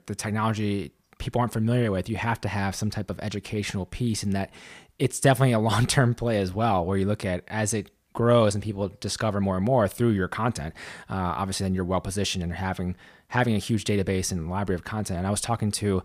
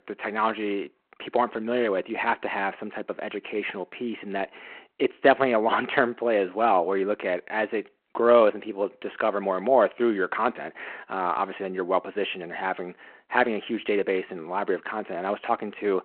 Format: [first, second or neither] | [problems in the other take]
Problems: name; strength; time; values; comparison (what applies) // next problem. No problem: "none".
first | phone-call audio